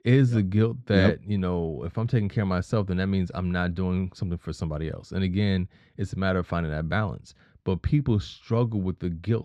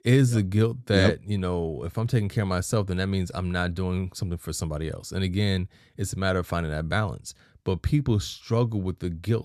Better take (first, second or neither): second